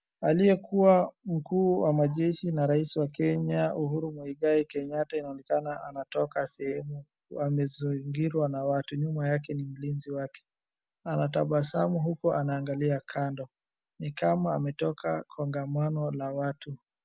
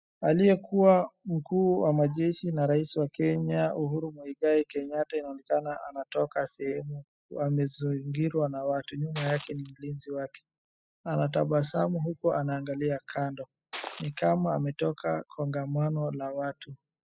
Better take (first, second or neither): first